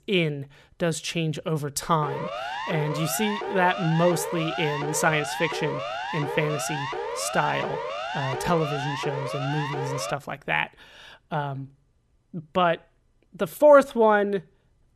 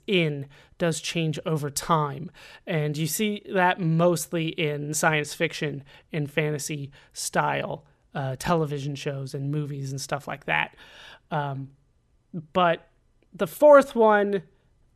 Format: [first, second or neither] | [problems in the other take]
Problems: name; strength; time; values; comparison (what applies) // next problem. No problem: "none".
second | siren; noticeable; from 2 to 10 s; peak 5 dB below the speech